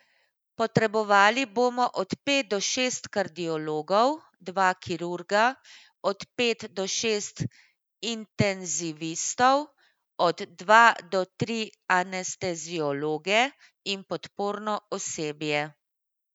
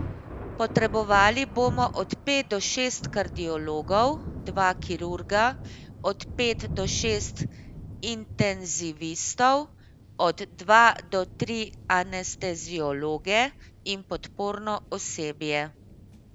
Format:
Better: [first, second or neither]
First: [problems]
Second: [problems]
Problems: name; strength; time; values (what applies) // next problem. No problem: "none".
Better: first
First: none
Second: background sound (Thunder); 12 dB below the speech